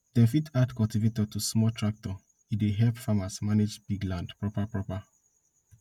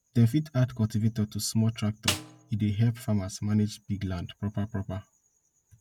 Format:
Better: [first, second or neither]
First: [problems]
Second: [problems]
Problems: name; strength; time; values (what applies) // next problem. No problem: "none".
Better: first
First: none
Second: background sound (Snare drum); 8 dB below the speech